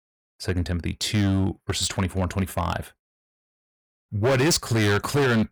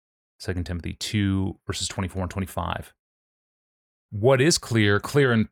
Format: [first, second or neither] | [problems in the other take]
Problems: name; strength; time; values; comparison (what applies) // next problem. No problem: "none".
second | distortion; heavy; 10% of the sound clipped